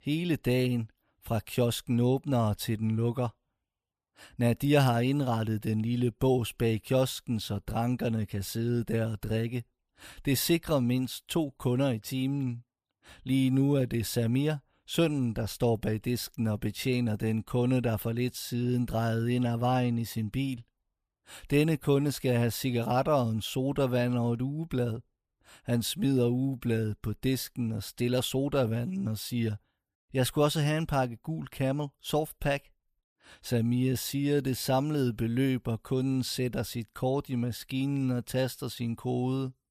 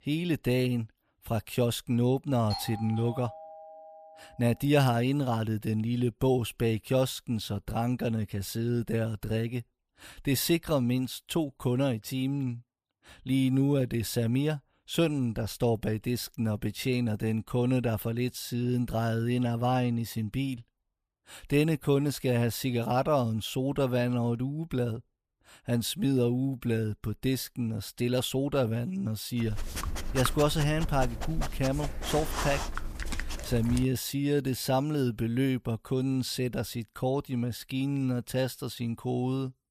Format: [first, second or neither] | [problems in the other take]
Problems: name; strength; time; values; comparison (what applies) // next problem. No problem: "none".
first | doorbell; noticeable; from 2.5 to 4 s; peak 8 dB below the speech // dog barking; noticeable; from 29 to 34 s; peak 4 dB below the speech